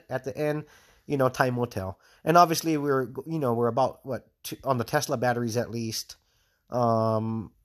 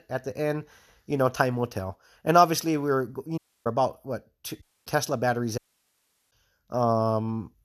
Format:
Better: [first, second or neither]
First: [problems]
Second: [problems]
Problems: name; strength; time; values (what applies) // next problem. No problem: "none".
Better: first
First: none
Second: audio cutting out; at 3.5 s, at 4.5 s and at 5.5 s for 0.5 s